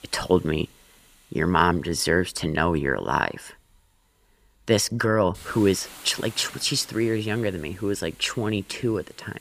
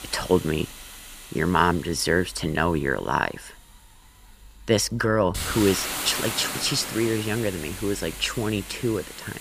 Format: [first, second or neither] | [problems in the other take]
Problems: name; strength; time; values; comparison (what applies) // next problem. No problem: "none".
first | hiss; loud; throughout; 8 dB below the speech; faint in the first